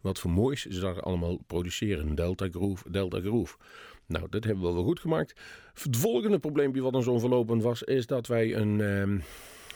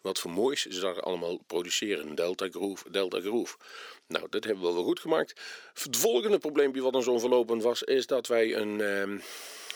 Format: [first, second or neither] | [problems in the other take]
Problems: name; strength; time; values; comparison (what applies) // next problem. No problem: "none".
first | thin; somewhat; fading below 350 Hz